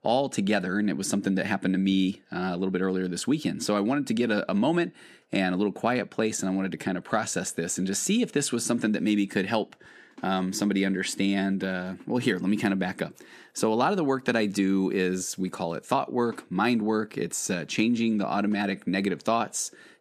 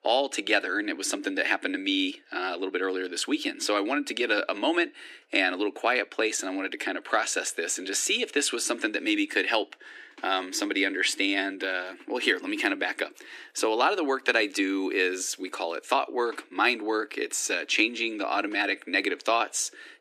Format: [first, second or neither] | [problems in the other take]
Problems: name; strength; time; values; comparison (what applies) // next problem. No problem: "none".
first | thin; somewhat; fading below 300 Hz